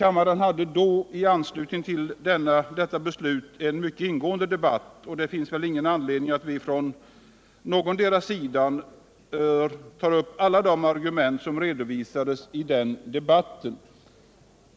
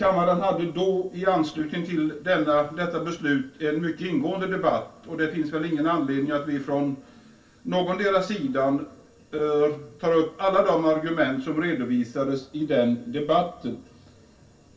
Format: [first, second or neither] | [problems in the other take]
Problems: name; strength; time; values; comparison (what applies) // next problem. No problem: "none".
first | room echo; dies away in 0.2 s